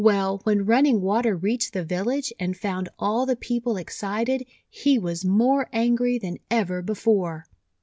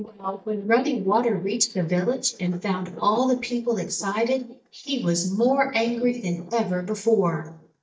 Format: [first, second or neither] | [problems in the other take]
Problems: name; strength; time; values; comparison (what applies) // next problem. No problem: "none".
first | noise reduction (neural mask model DeepFilterNet 3)